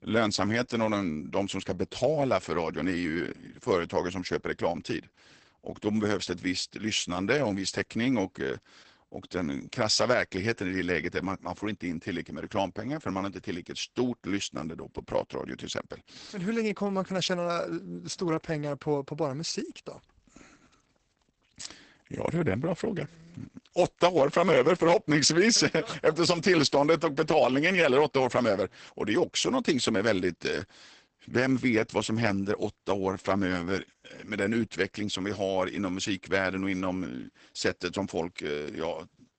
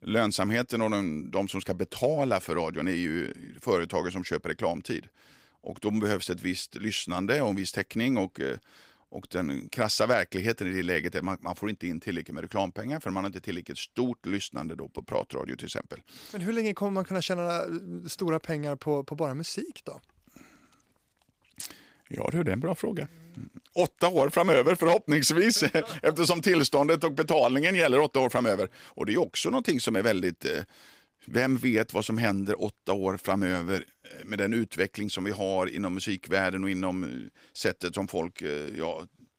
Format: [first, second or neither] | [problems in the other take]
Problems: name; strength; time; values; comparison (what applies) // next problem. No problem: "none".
second | garbled, watery; badly; nothing above 8 kHz; slightly in the second